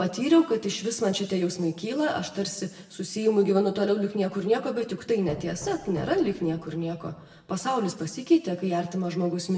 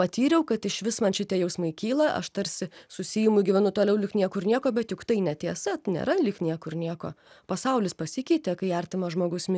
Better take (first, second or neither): second